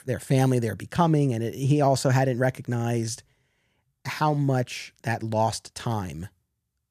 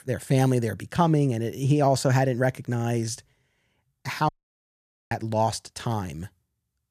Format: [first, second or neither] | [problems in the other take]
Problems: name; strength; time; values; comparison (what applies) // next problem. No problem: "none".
first | audio cutting out; at 4.5 s for 1 s